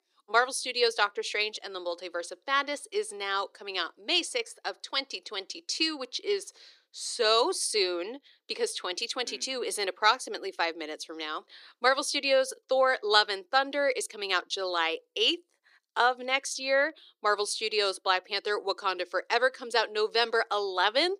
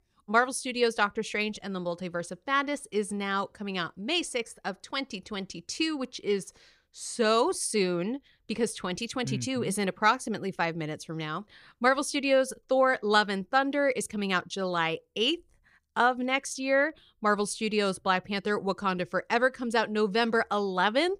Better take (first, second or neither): second